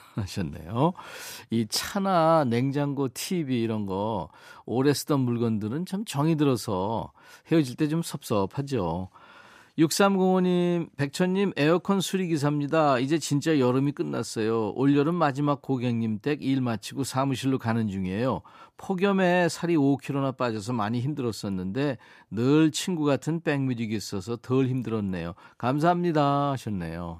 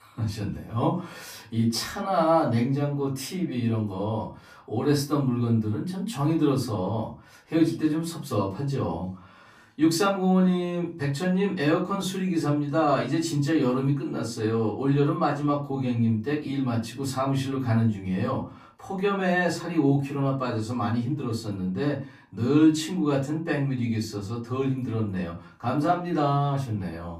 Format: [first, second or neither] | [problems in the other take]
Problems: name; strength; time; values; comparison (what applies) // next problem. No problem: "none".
first | off-mic speech; far // room echo; very slight; dies away in 0.3 s